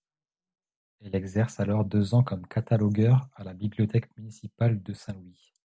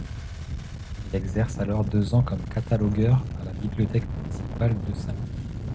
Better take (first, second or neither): first